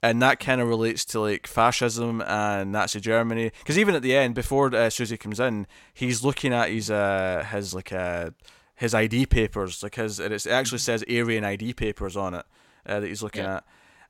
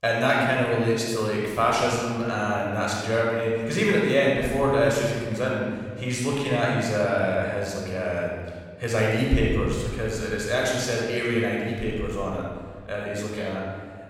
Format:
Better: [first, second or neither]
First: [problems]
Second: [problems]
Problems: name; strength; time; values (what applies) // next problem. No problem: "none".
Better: first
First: none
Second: off-mic speech; far // room echo; strong; dies away in 1.6 s